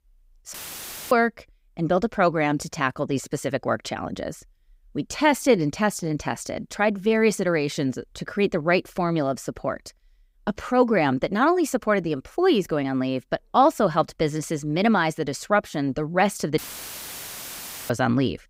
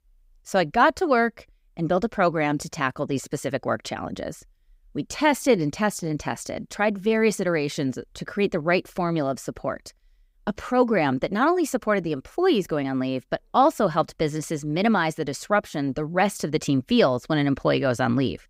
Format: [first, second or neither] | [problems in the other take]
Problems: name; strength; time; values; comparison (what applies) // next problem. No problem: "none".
second | audio cutting out; filled with static; at 0.5 s for 0.5 s and at 17 s for 1.5 s